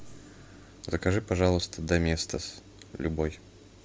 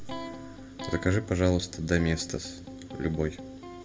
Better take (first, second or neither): first